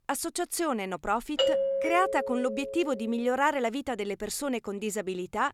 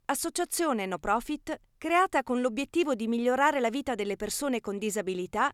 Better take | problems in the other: second | doorbell; loud; from 1.5 to 3 s; peak 4 dB above the speech

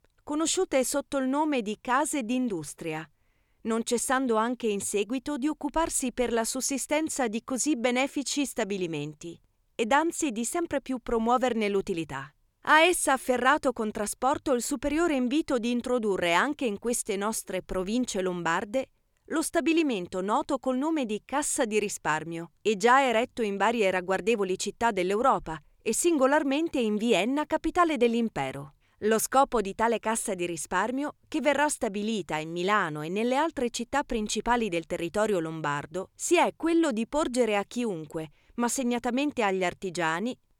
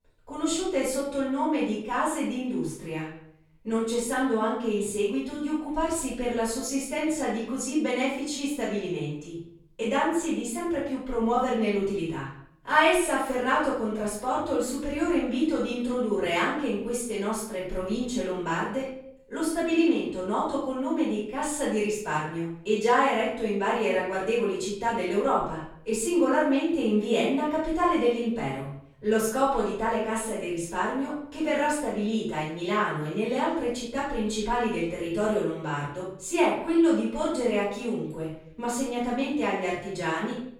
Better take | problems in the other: first | off-mic speech; far // room echo; noticeable; dies away in 0.6 s

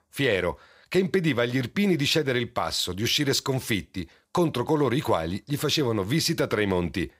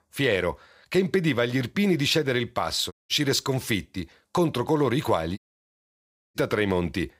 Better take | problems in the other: first | audio cutting out; at 3 s and at 5.5 s for 1 s

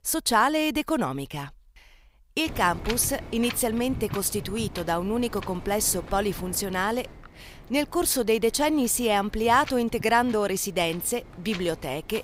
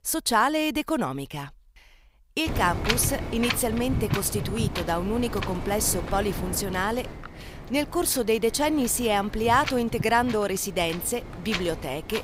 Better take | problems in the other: first | wind noise on the microphone; heavy; from 2.5 s on; 9 dB below the speech; occasional gusts in the first

